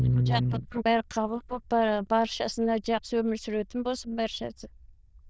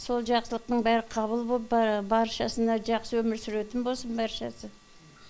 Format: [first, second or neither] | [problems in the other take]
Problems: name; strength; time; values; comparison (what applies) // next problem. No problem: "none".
second | noise reduction (neural diffusion model UNIVERSE++)